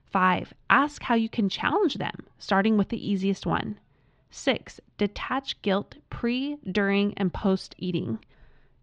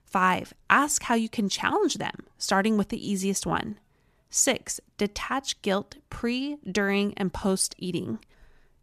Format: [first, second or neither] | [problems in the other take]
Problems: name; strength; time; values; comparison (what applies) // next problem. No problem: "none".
second | muffled; slightly; fading above 4 kHz